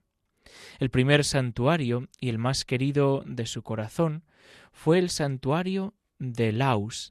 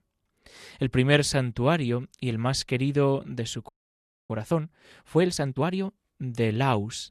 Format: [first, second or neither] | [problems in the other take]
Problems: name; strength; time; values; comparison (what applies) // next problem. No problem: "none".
first | audio freezing; at 3.5 s for 0.5 s